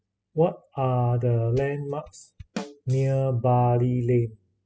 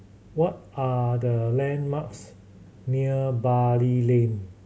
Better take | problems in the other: second | noise reduction (classical method spectral subtraction)

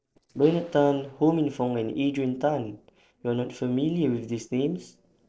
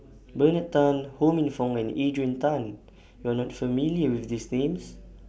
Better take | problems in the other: second | noise reduction (neural separator model SepFormer DNS4)

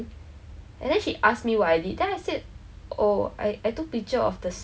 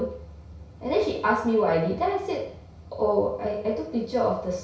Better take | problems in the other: first | room echo; dies away in 0.6 s

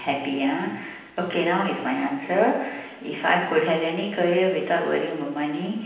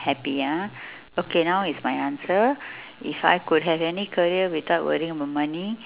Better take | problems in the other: second | room echo; dies away in 0.9 s

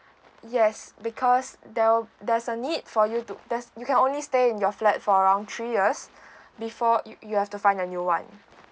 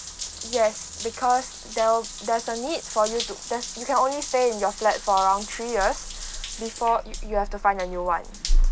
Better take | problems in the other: first | background sound (Drip / Trickle, dribble / Bathtub (filling or washing) / Water tap, faucet); 4 dB below the speech

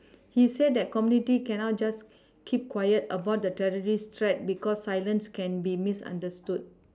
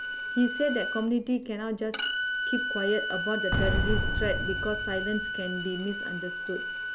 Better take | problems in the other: first | background sound (Boom + Bowed string instrument); as loud as the speech

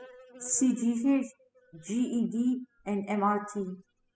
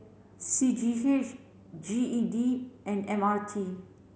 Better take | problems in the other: second | noise reduction (classical method spectral subtraction)

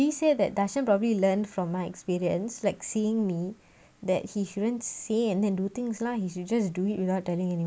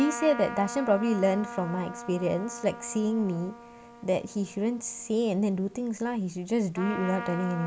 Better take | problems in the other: first | background sound (Trumpet); 12 dB below the speech

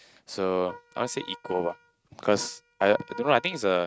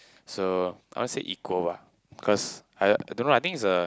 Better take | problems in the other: second | noise reduction (neural mask model RNNoise)

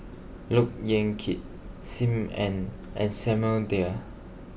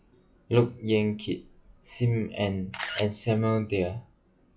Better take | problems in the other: first | noise reduction (classical method log-MMSE)

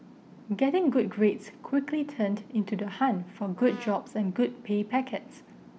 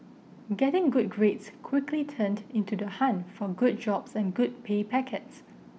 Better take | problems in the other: second | background sound (Brass instrument); 20 dB below the speech

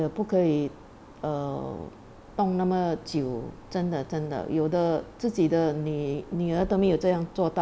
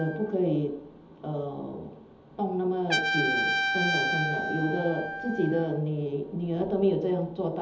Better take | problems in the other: first | background sound (Trumpet); 4 dB below the speech // room echo; dies away in 1.2 s

